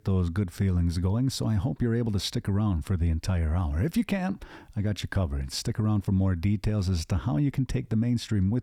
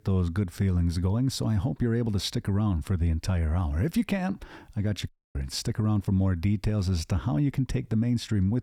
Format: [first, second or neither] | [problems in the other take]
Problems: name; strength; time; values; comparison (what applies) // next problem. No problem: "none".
first | audio cutting out; at 5 s